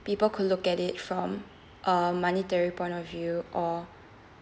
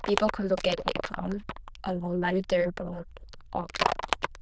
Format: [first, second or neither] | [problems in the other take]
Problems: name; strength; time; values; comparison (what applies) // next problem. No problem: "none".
first | noise reduction (neural diffusion model UNIVERSE++)